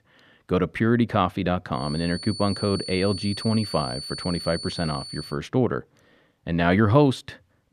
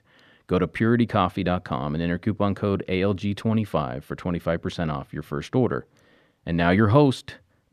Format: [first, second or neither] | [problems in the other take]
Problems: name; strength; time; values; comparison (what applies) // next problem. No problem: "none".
second | high-pitched whine; loud; from 2 to 5.5 s; 4.5 kHz, 9 dB below the speech